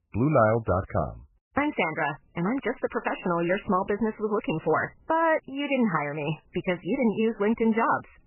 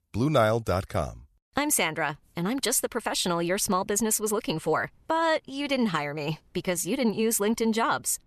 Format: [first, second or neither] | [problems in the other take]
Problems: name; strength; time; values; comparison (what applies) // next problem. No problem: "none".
second | garbled, watery; badly; nothing above 3 kHz